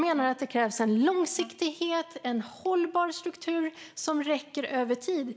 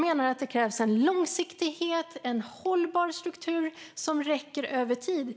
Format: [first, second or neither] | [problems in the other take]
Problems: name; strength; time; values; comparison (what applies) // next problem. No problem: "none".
second | background sound (Wind instrument, woodwind instrument); 19 dB below the speech